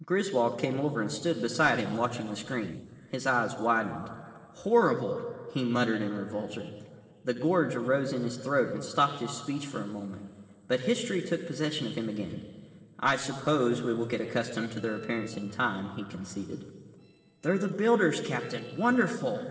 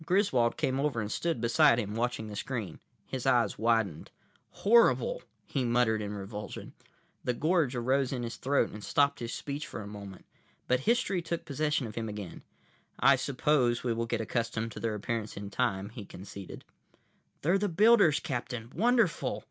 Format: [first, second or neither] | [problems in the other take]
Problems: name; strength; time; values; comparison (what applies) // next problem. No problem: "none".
second | noise reduction (neural separator model SepFormer DNS4)